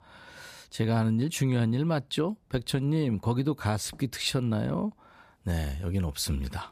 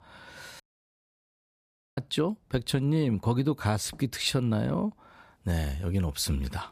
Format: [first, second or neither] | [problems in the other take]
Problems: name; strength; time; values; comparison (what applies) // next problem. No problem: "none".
first | audio cutting out; at 0.5 s for 1.5 s